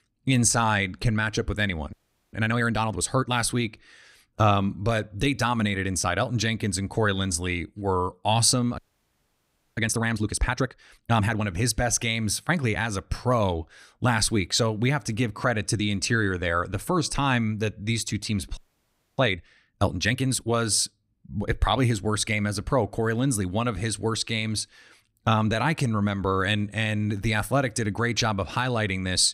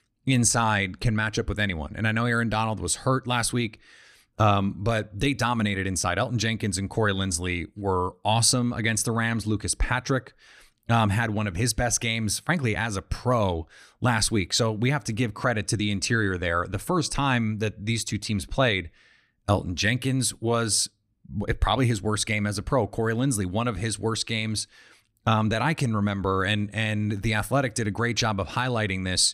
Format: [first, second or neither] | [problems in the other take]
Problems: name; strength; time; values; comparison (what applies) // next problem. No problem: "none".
second | audio freezing; at 2 s, at 9 s for 1 s and at 19 s for 0.5 s